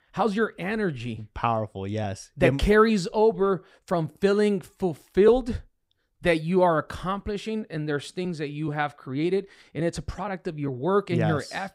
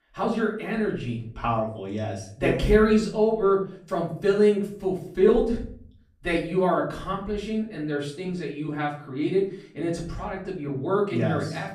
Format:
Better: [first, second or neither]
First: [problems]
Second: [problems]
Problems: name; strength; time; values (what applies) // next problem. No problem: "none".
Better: first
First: none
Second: off-mic speech; far // room echo; slight; dies away in 0.4 s